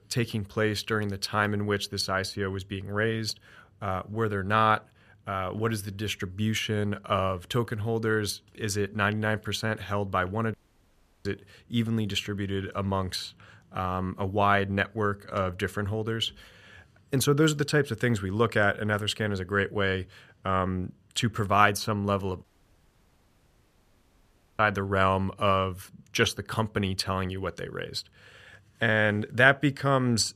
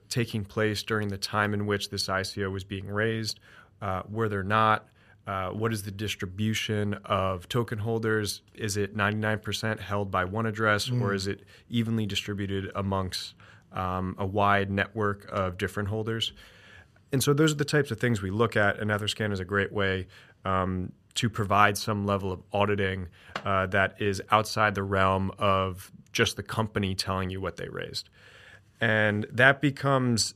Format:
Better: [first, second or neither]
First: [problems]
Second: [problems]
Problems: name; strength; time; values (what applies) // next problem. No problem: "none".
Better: second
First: audio cutting out; at 11 s for 0.5 s and at 22 s for 2 s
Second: none